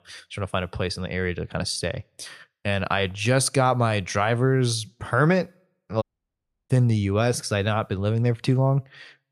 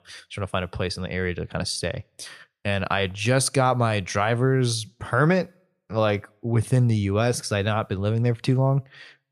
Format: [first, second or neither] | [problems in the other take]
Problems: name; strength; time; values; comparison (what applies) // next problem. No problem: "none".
second | audio cutting out; at 6 s for 0.5 s